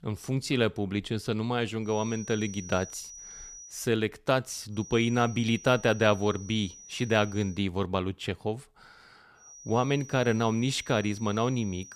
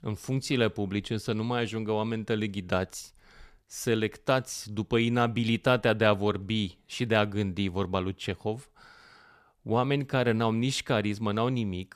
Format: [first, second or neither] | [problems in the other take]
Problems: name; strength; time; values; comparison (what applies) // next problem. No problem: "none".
second | high-pitched whine; noticeable; from 2 to 3.5 s, from 5 to 7.5 s and from 9.5 s on; 6 kHz, 15 dB below the speech